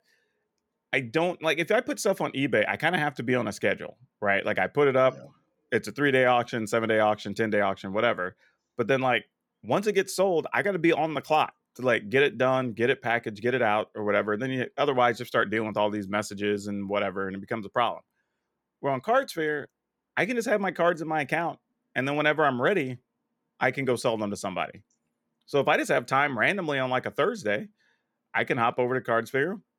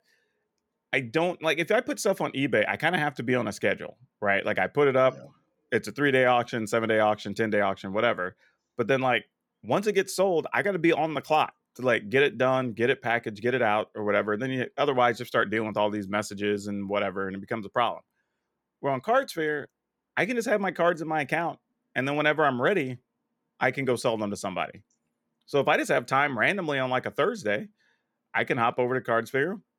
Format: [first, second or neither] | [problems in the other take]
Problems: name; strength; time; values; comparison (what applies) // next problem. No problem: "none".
neither | none